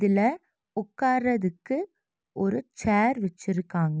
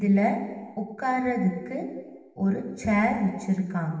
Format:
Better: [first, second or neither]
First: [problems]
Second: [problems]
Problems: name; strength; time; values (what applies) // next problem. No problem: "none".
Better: first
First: none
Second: room echo; dies away in 1.2 s